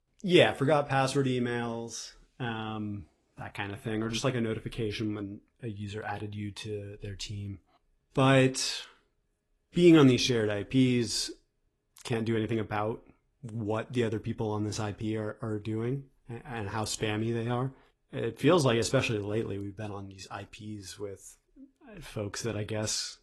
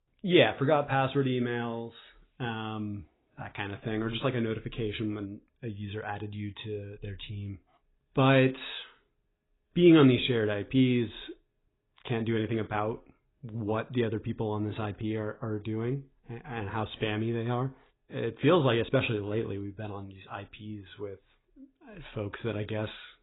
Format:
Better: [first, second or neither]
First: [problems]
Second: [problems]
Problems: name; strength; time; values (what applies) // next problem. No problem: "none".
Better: first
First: garbled, watery; slightly; nothing above 11.5 kHz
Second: garbled, watery; badly; nothing above 4 kHz